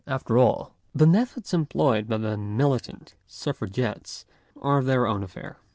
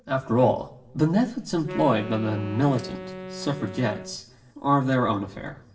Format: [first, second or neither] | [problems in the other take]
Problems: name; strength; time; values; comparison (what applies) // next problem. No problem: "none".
first | background sound (Wind instrument, woodwind instrument); 13 dB below the speech // room echo; dies away in 0.6 s